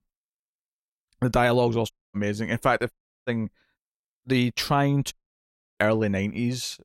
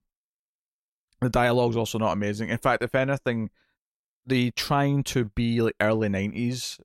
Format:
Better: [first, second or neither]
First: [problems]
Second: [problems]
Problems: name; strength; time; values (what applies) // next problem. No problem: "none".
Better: second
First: audio cutting out; at 2 s, at 3 s and at 5 s for 0.5 s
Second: none